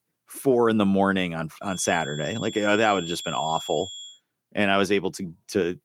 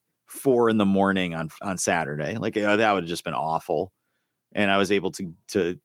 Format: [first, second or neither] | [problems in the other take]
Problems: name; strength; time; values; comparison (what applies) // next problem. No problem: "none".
second | high-pitched whine; noticeable; from 1.5 to 4 s; 3.5 kHz, 10 dB below the speech